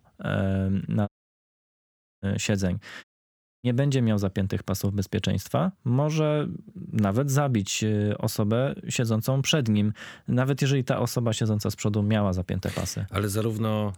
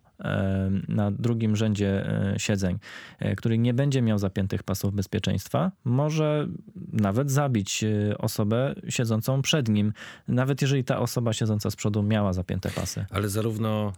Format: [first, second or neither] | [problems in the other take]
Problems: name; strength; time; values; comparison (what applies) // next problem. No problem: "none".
second | audio cutting out; at 1 s for 1 s and at 3 s for 0.5 s